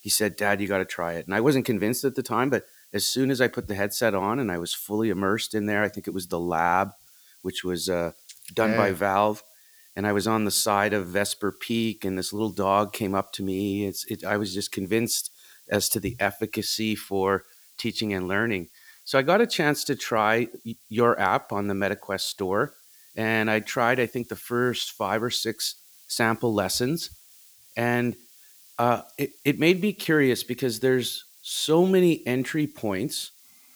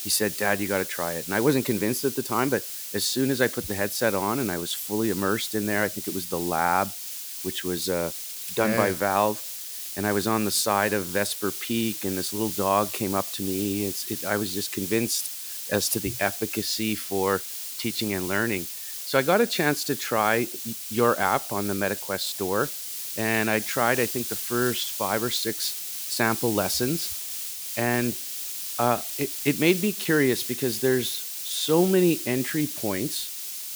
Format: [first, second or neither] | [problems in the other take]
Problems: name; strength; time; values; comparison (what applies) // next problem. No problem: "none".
first | hiss; loud; throughout; 5 dB below the speech; faint in the first